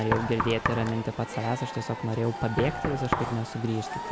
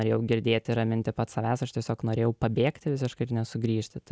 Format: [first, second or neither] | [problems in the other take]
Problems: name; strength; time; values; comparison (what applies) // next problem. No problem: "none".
second | background sound (Knock + Crowd / Cheering); 4 dB below the speech